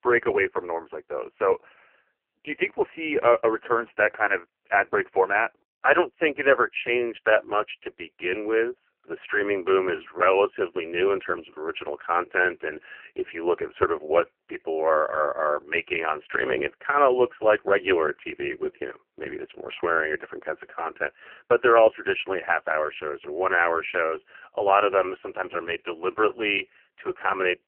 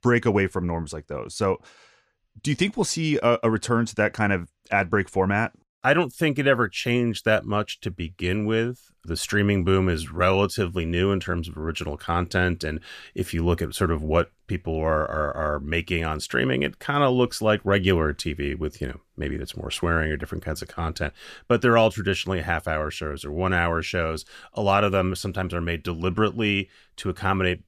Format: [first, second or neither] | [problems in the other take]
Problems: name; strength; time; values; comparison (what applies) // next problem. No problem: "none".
second | phone-call audio; poor line; nothing above 3 kHz